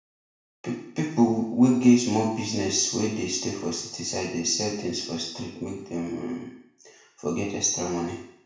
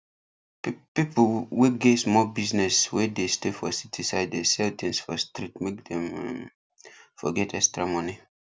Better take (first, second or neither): second